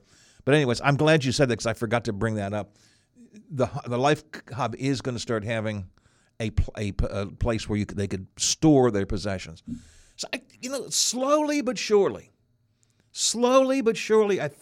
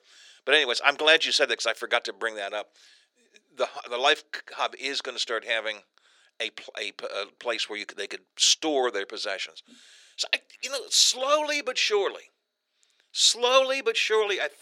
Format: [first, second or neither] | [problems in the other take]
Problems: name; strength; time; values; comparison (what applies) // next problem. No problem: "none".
first | thin; very; fading below 400 Hz